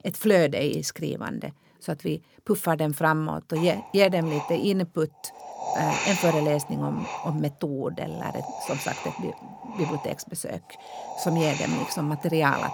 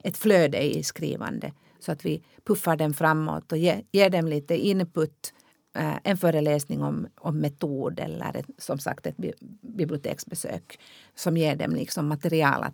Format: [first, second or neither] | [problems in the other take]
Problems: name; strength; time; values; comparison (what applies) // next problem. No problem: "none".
second | wind noise on the microphone; heavy; from 3.5 s on; 5 dB below the speech